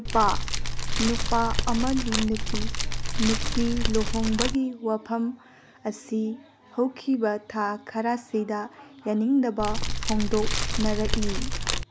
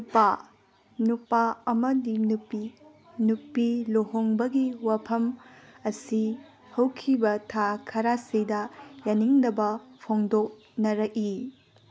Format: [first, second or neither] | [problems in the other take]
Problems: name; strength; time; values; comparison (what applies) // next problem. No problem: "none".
second | background sound (Fire); 3 dB above the speech